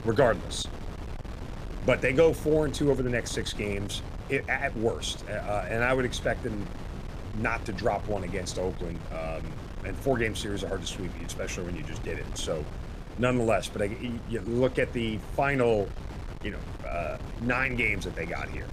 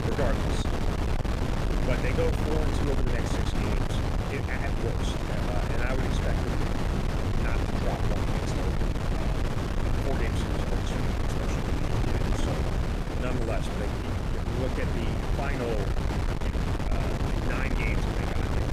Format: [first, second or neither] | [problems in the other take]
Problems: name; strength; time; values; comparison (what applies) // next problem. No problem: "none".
first | wind noise on the microphone; heavy; 3 dB above the speech; occasional gusts in the first